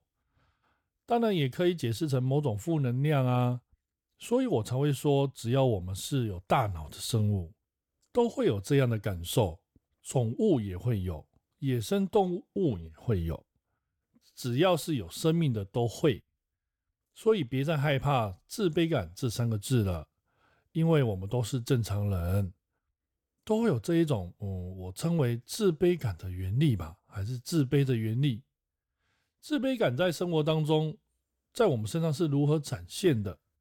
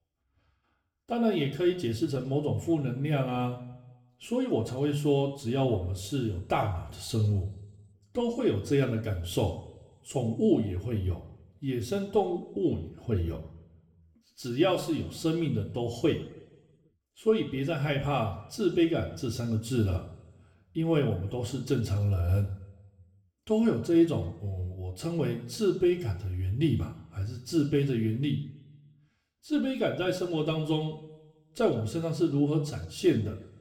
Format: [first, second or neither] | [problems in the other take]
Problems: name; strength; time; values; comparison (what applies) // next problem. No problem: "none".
first | room echo; slight; dies away in 0.7 s // off-mic speech; somewhat distant